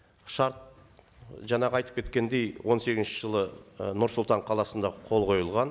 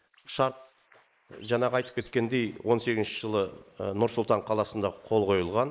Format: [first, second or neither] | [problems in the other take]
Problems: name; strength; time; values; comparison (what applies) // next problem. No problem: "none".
first | noise reduction (neural mask model Resemble Enhance denoiser)